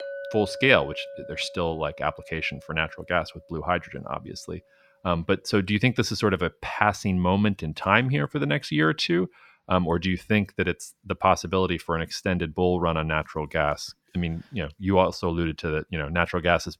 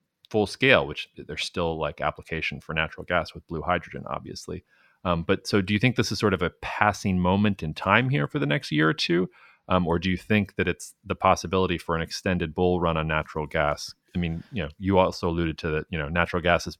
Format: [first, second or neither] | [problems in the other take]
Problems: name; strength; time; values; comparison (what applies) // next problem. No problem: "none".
second | clattering dishes; noticeable; until 3.5 s; peak 10 dB below the speech